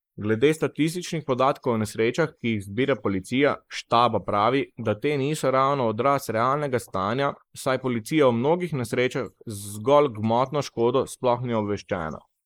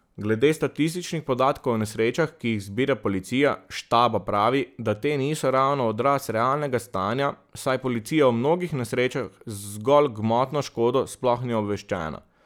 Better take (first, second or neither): second